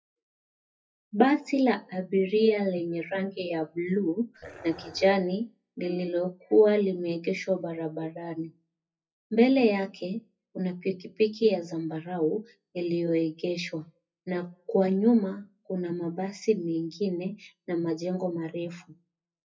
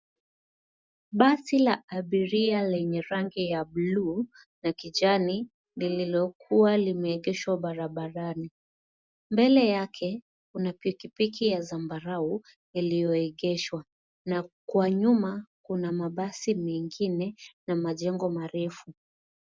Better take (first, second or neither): second